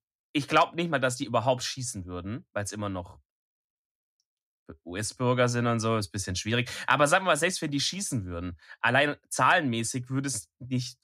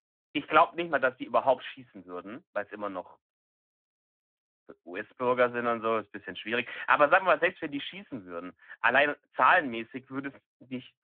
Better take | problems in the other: first | phone-call audio

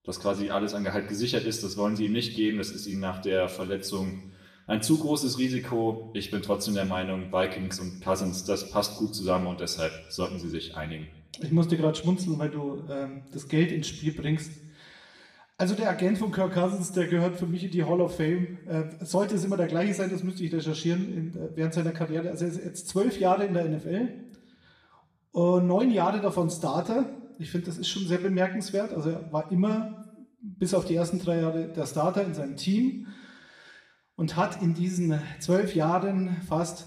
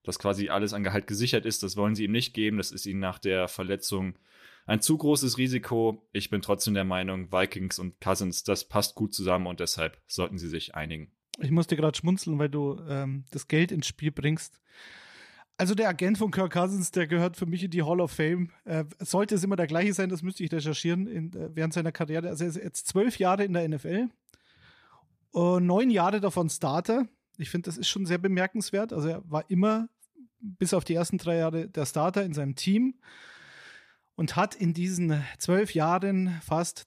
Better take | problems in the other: second | room echo; slight; dies away in 0.8 s // off-mic speech; somewhat distant

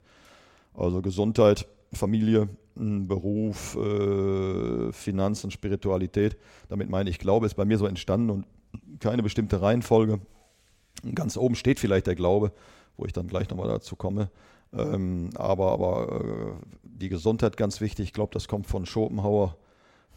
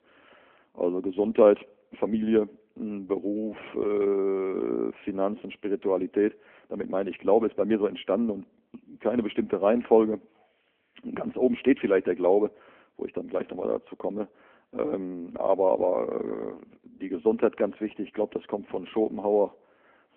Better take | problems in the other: first | phone-call audio

